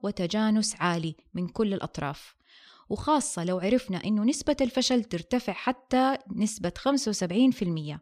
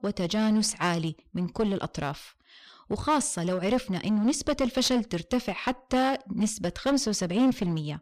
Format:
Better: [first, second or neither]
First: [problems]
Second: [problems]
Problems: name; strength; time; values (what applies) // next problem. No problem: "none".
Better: first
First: none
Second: distortion; slight; 9% of the sound clipped